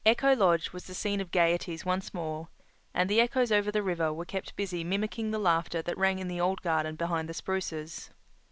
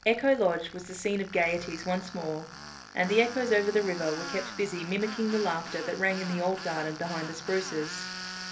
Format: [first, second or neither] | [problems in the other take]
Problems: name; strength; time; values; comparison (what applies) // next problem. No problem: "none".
first | background sound (Tools); 12 dB below the speech // room echo; dies away in 0.3 s